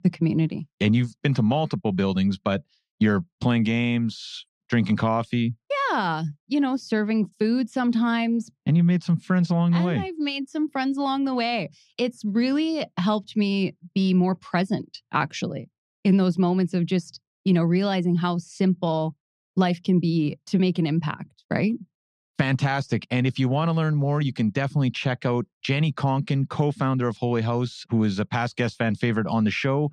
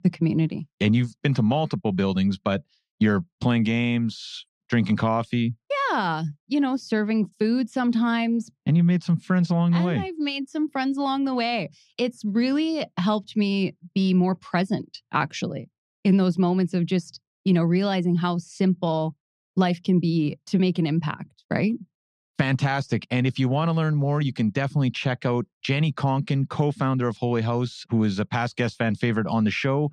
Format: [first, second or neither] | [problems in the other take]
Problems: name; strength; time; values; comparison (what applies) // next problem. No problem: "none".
neither | muffled; very slightly; fading above 3.5 kHz; the same in both